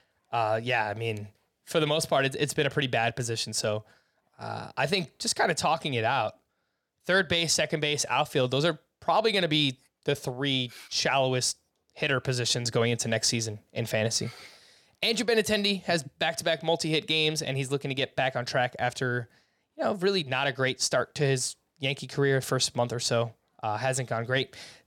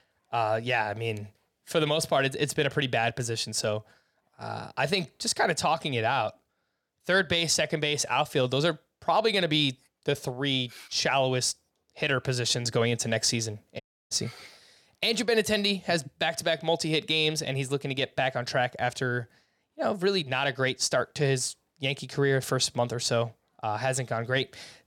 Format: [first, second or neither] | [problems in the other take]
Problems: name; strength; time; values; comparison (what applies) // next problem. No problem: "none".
first | audio cutting out; at 14 s